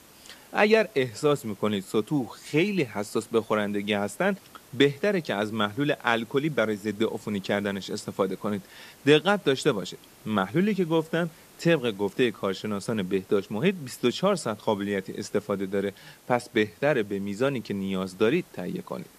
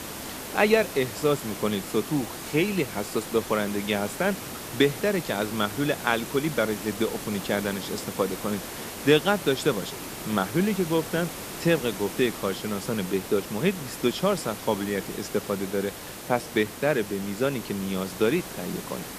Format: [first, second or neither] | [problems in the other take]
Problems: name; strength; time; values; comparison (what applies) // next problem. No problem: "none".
first | hiss; loud; throughout; 9 dB below the speech; faint in the first